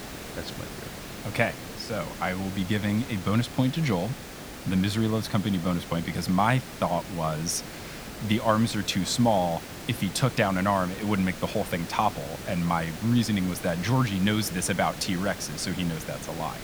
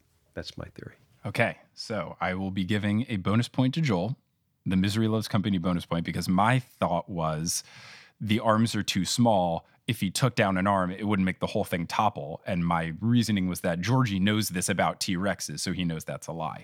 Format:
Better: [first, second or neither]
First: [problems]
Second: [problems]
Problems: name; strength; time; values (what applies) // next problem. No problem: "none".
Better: second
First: hiss; noticeable; throughout; 10 dB below the speech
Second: none